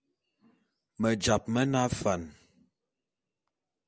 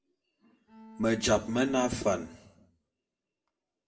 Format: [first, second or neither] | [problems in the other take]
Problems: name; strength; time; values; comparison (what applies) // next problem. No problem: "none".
first | background sound (Bowed string instrument); 17 dB below the speech // room echo; dies away in 0.4 s